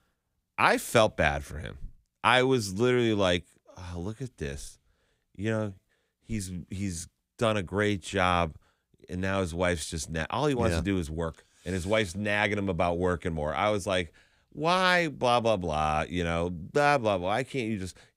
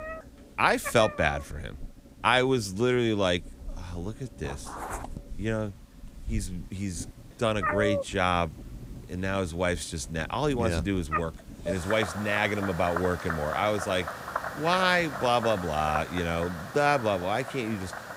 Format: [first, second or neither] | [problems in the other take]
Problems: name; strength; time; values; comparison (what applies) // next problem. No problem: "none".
first | animal sounds; loud; throughout; 9 dB below the speech